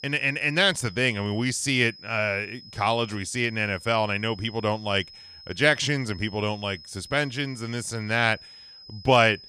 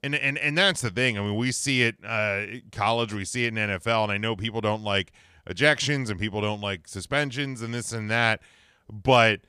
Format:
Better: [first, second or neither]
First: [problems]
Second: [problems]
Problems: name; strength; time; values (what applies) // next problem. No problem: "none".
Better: second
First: high-pitched whine; noticeable; throughout; 5 kHz, 20 dB below the speech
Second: none